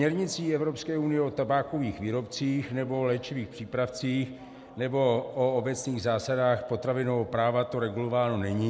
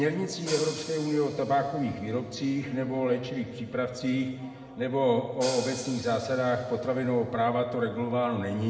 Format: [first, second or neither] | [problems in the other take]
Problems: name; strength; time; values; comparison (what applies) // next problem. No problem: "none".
first | background sound (Hi-hat); 17 dB below the speech // room echo; dies away in 1.5 s